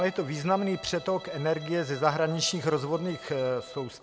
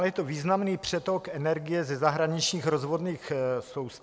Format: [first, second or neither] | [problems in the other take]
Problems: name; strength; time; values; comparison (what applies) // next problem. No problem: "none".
second | background sound (Bowed string instrument); 17 dB below the speech